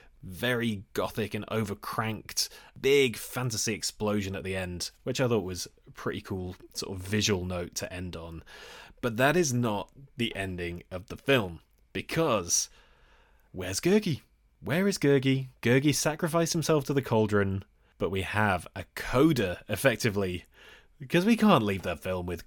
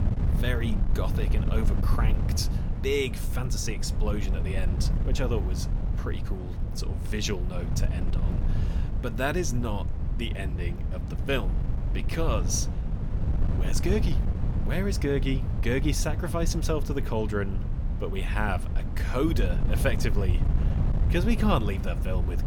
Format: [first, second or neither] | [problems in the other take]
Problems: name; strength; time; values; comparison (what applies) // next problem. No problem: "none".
first | wind noise on the microphone; heavy; 9 dB below the speech